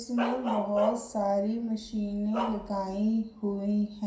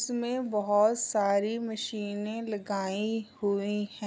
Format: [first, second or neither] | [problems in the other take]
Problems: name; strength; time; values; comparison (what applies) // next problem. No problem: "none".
second | background sound (Bark); 9 dB below the speech // room echo; dies away in 0.5 s